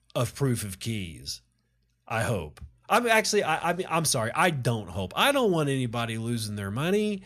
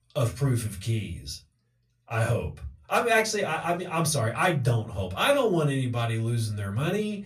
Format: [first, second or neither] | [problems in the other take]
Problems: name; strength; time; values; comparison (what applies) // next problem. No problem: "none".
first | off-mic speech; far // room echo; very slight; dies away in 0.2 s